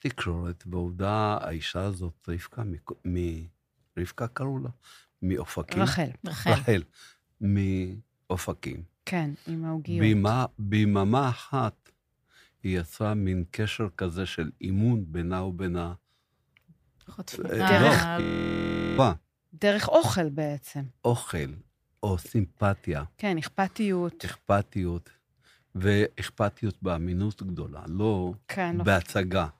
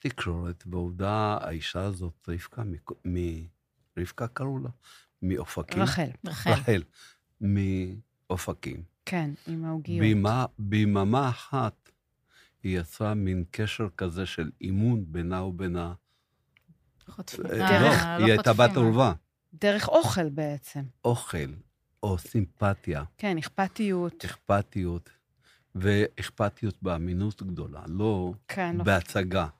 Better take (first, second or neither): second